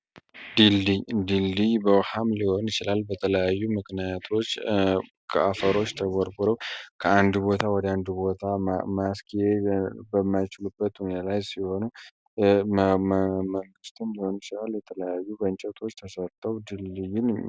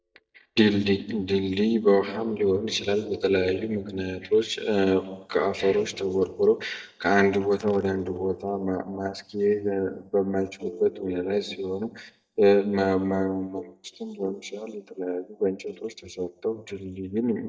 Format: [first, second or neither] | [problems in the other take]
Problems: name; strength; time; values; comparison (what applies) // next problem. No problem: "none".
first | noise reduction (neural mask model DeepFilterNet 3)